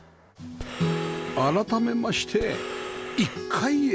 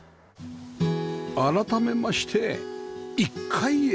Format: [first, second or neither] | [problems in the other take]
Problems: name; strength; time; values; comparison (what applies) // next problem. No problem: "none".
second | background sound (Breathing); 12 dB below the speech